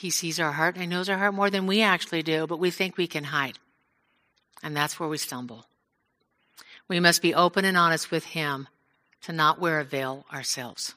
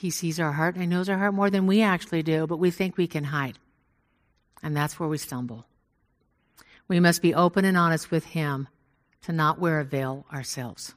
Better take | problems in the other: second | thin; somewhat; fading below 450 Hz

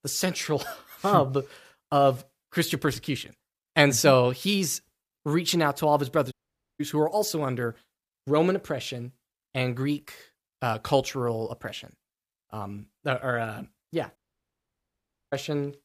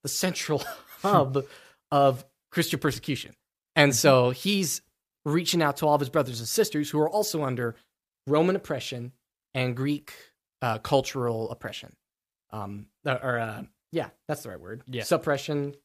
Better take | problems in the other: second | audio cutting out; at 6.5 s and at 14 s for 1 s

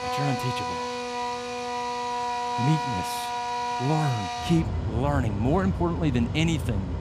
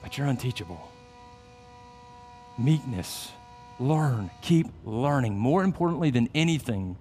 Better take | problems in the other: second | machinery noise; loud; throughout; 2 dB below the speech; faint in the second

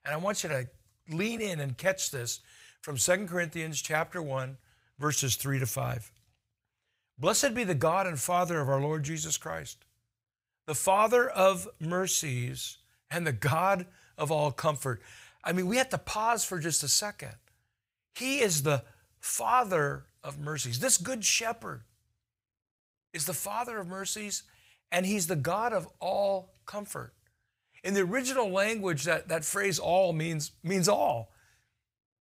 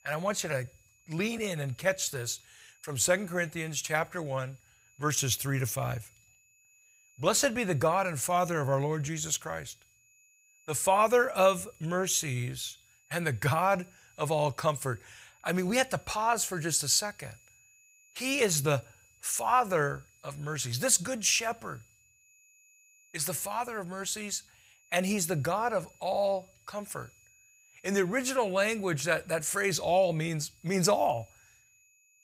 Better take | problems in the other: first | high-pitched whine; faint; throughout; 2.5 kHz, 30 dB below the speech

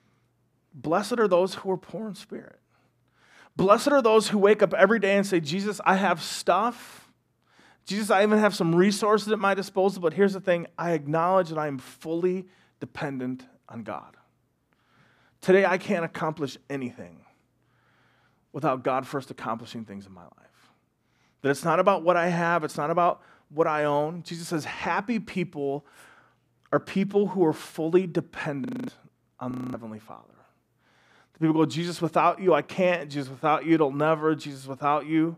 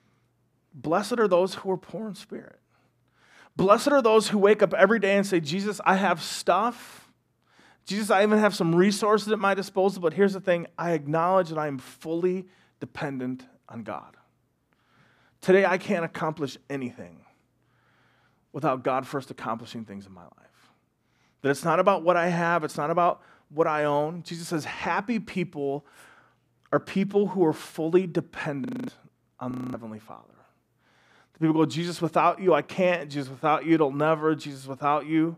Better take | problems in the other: neither | audio freezing; at 29 s and at 30 s; the same in both

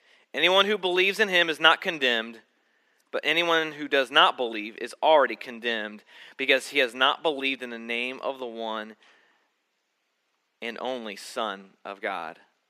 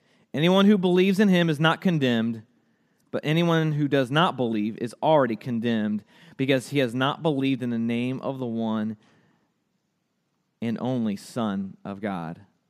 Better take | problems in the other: second | thin; very; fading below 400 Hz

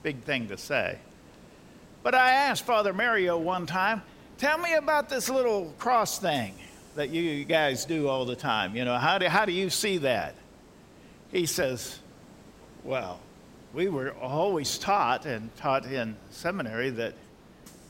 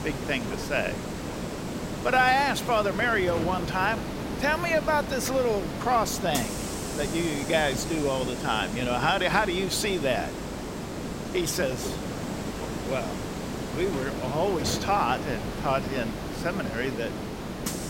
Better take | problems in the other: first | hiss; loud; throughout; 6 dB below the speech; faint in the first

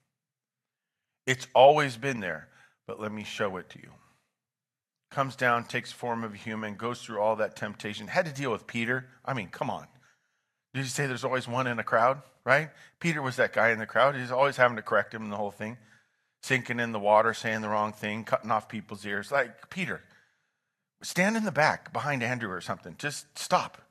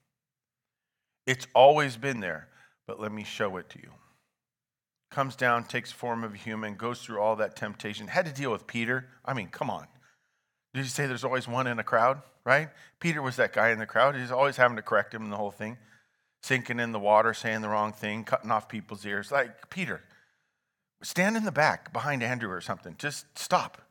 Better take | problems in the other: second | garbled, watery; slightly; nothing above 13 kHz

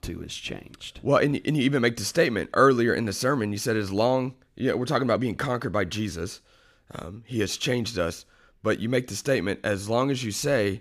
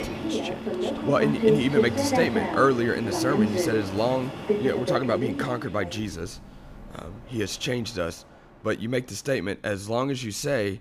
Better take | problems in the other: first | train or aircraft noise; loud; throughout; as loud as the speech

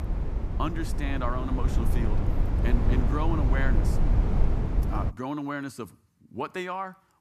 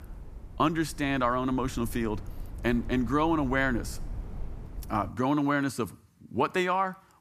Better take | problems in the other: second | low rumble; loud; until 5 s; 4 dB below the speech; faint in the second

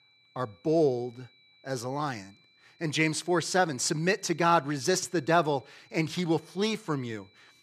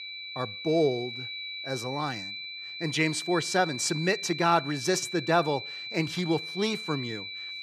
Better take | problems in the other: first | high-pitched whine; loud; throughout; 2.5 kHz, 7 dB below the speech; faint in the first

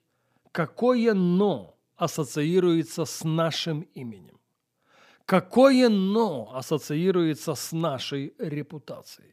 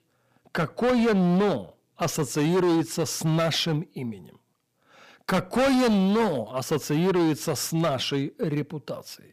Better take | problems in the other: first | distortion; heavy; 16% of the sound clipped

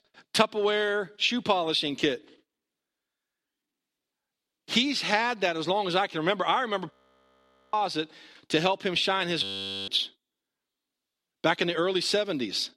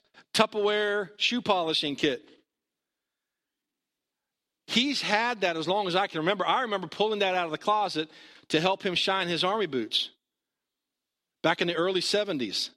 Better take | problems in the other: second | audio freezing; at 7 s for 1 s and at 9.5 s

